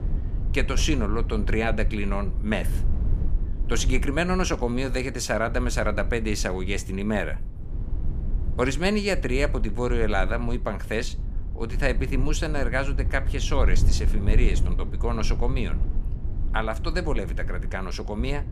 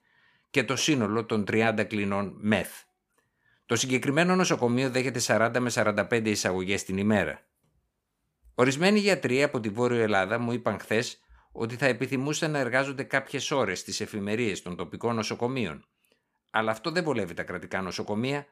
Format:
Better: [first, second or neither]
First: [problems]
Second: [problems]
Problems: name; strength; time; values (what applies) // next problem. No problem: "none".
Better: second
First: low rumble; noticeable; throughout; 15 dB below the speech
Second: none